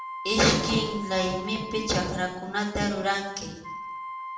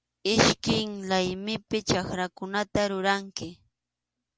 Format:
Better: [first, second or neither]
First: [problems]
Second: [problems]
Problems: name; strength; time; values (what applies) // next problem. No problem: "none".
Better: second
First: background sound (Wind instrument, woodwind instrument); 11 dB below the speech // room echo; dies away in 0.8 s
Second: none